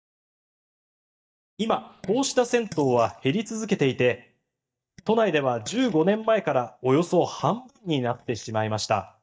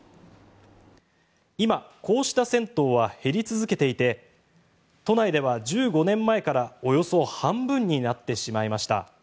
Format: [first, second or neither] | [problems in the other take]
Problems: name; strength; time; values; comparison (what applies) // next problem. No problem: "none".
second | noise reduction (neural mask model DeepFilterNet 3)